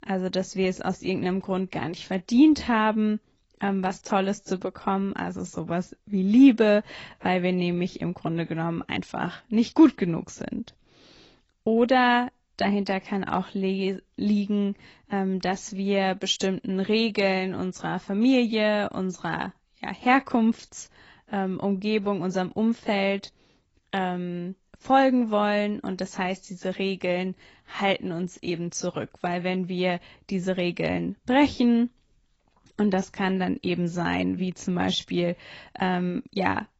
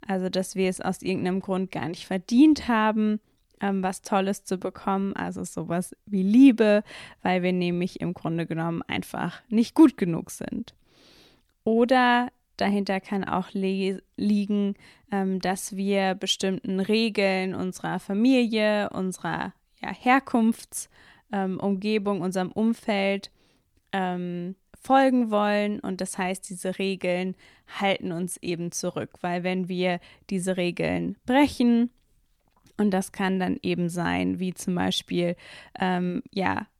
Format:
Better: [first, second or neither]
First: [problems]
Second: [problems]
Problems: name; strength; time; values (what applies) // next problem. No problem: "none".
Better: second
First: garbled, watery; badly; nothing above 7.5 kHz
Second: none